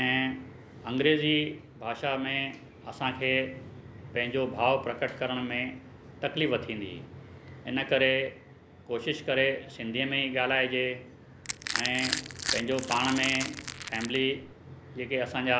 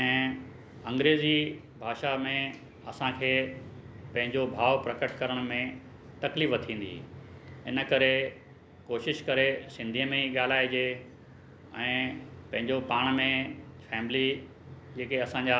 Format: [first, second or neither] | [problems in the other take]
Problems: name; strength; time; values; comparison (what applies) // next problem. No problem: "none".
second | background sound (Crushing); 6 dB below the speech